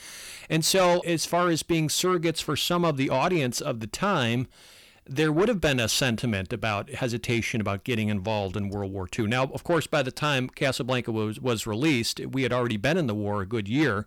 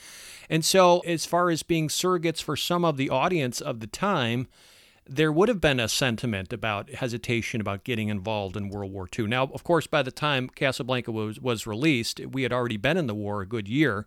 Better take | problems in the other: second | distortion; slight; 10 dB below the speech

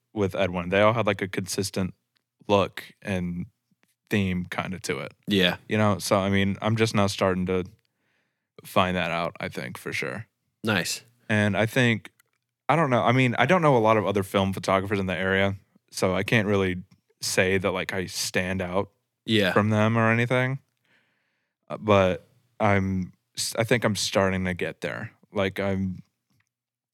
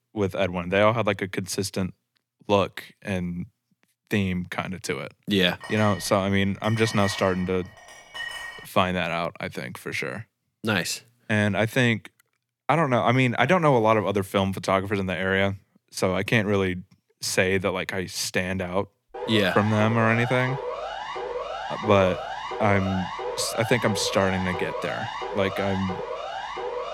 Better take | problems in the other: first | clattering dishes; noticeable; from 5.5 to 8.5 s; peak 8 dB below the speech // siren; noticeable; from 19 s on; peak 7 dB below the speech

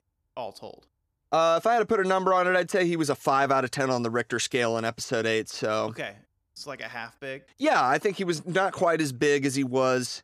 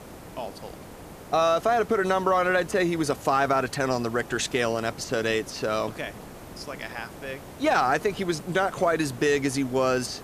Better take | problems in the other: first | hiss; noticeable; throughout; 20 dB below the speech

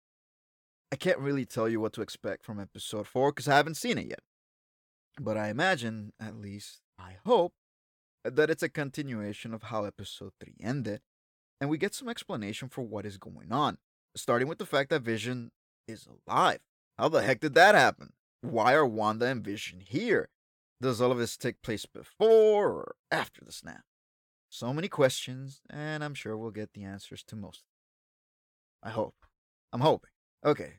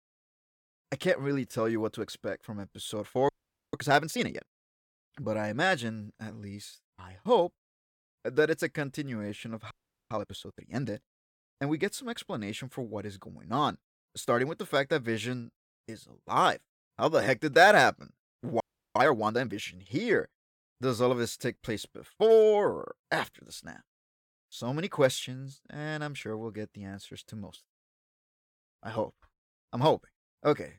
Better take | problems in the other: first | audio freezing; at 3.5 s, at 9.5 s and at 19 s

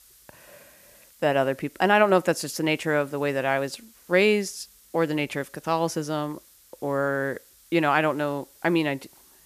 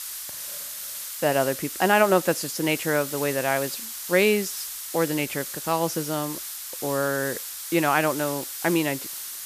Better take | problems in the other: first | hiss; loud; throughout; 7 dB below the speech; faint in the first

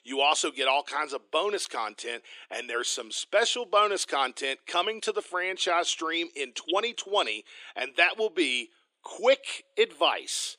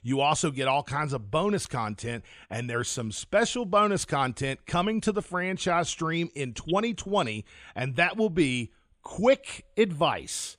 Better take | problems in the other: second | thin; very; fading below 300 Hz

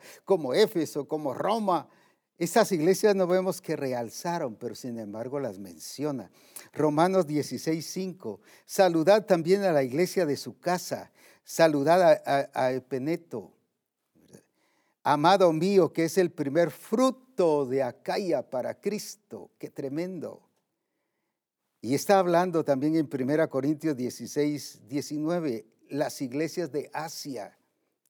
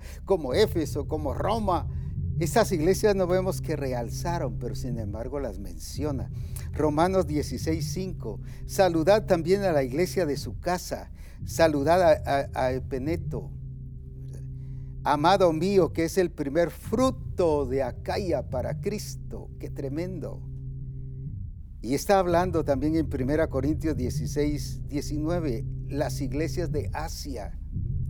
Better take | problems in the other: first | low rumble; faint; throughout; 20 dB below the speech

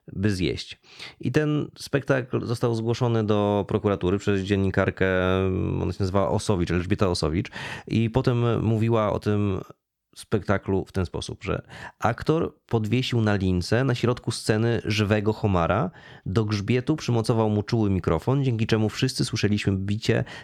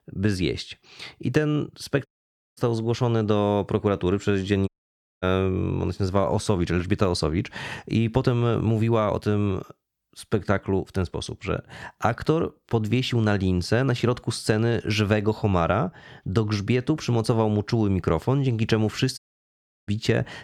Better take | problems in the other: first | audio cutting out; at 2 s for 0.5 s, at 4.5 s for 0.5 s and at 19 s for 0.5 s

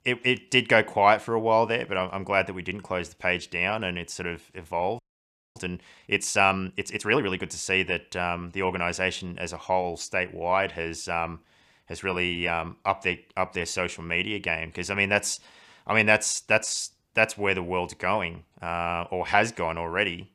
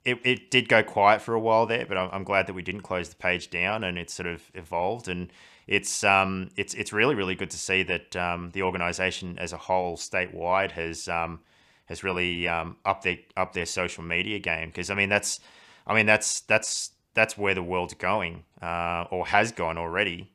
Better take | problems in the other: second | audio freezing; at 5 s for 0.5 s

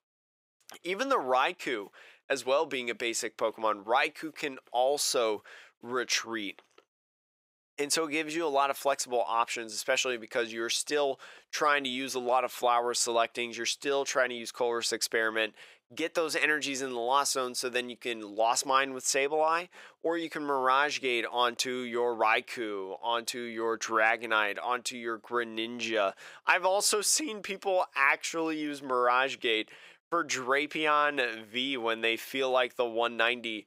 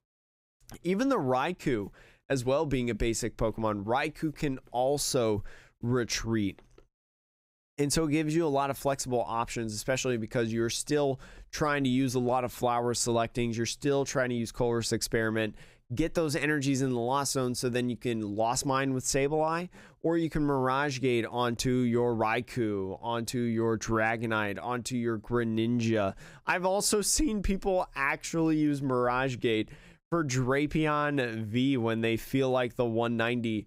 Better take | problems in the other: second | thin; very; fading below 550 Hz

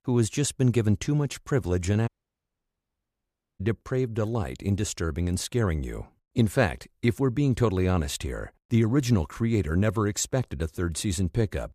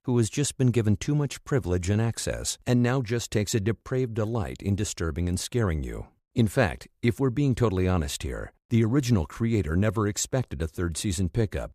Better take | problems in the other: second | audio cutting out; at 2 s for 1.5 s

